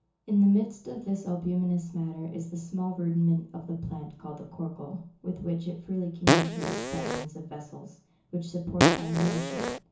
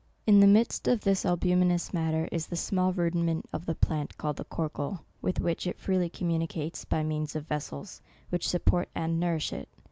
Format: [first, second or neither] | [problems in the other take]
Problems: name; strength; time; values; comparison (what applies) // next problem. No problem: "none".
second | background sound (Fart); 4 dB above the speech // room echo; dies away in 0.7 s